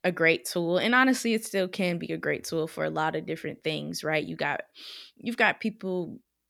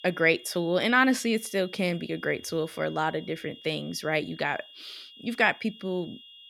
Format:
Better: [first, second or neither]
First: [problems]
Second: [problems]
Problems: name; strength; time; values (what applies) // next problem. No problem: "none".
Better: first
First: none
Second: high-pitched whine; noticeable; throughout; 3.5 kHz, 20 dB below the speech